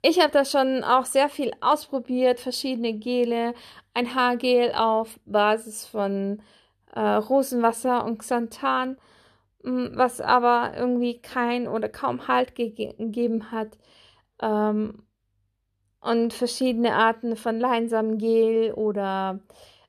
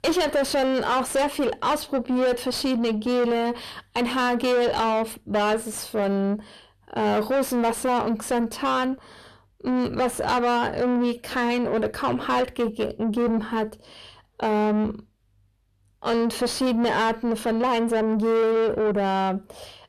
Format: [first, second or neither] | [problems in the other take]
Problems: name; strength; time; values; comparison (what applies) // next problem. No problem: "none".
first | distortion; heavy; 5 dB below the speech